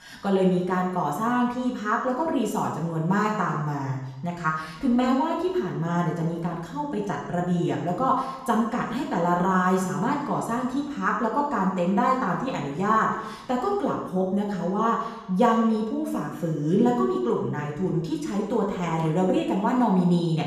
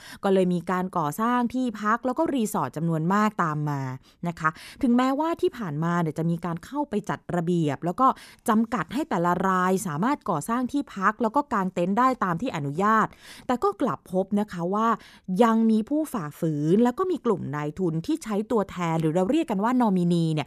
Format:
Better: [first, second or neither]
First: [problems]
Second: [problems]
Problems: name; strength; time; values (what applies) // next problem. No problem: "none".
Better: second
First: room echo; noticeable; dies away in 0.9 s // off-mic speech; far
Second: none